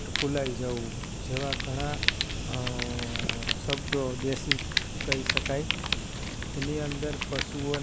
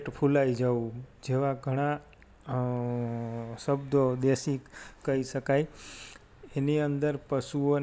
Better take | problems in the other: second | background sound (Fire); 2 dB above the speech

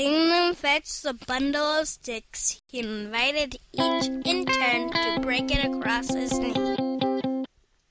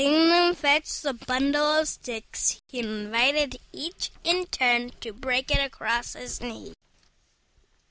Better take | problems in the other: second | background sound (Electric guitar); 1 dB above the speech

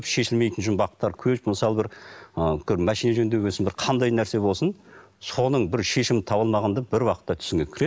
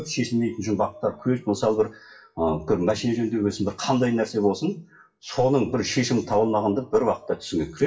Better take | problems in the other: first | noise reduction (classical method WPE with log-MMSE)

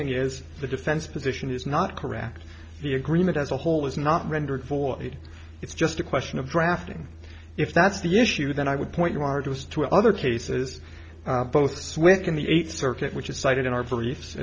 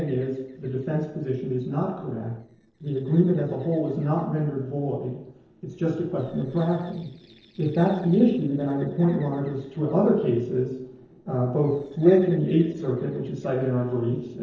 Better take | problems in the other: first | noise reduction (neural separator model SepFormer DNS4)

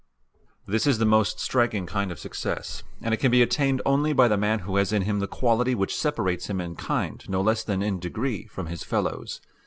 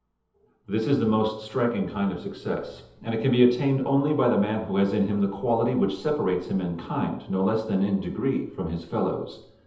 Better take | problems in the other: first | room echo; dies away in 0.8 s

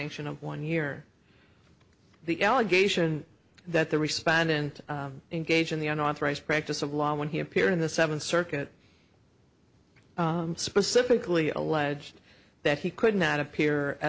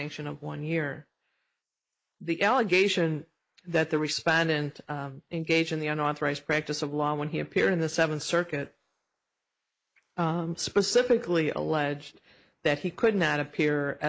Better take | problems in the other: first | noise reduction (neural mask model Resemble Enhance denoiser)

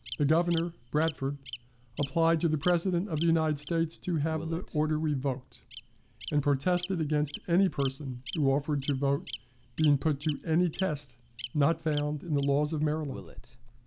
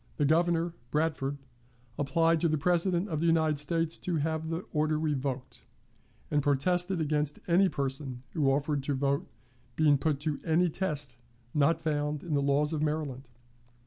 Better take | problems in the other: second | background sound (Bird vocalization, bird call, bird song); 16 dB below the speech

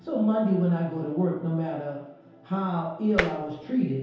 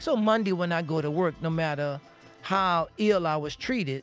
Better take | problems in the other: second | background sound (Tap); 4 dB below the speech // room echo; dies away in 0.8 s

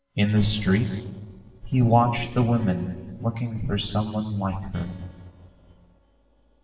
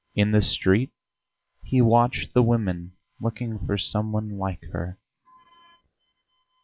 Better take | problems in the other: second | noise reduction (neural separator model SepFormer DNS4)

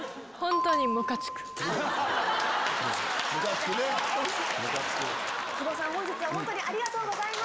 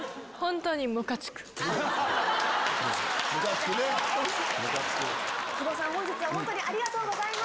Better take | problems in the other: second | background sound (Bell); 3 dB below the speech

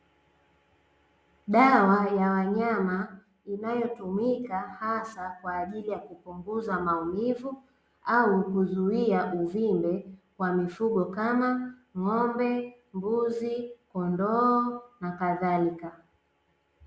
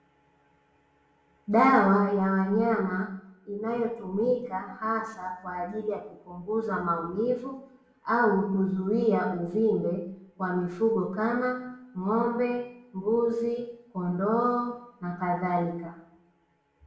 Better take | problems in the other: first | room echo; dies away in 0.6 s

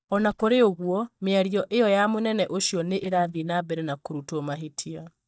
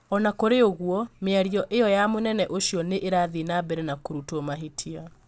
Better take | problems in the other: second | noise reduction (neural mask model DeepFilterNet 3)

